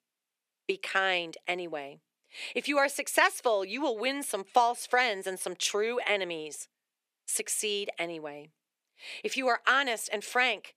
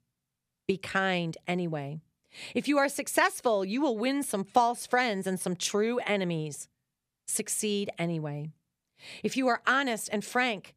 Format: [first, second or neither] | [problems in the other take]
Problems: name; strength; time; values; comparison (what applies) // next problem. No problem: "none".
second | thin; somewhat; fading below 350 Hz